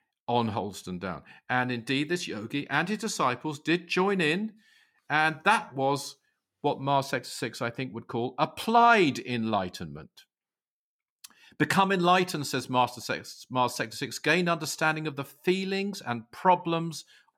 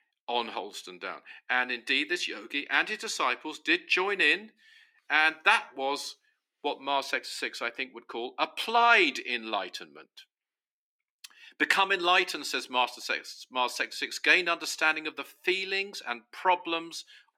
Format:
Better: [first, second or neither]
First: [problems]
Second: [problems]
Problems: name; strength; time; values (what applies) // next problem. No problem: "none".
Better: first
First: none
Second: thin; somewhat; fading below 300 Hz